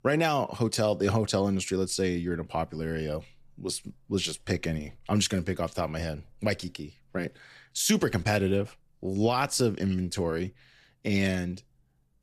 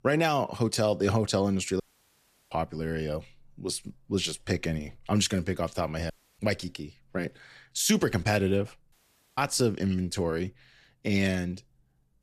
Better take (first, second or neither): first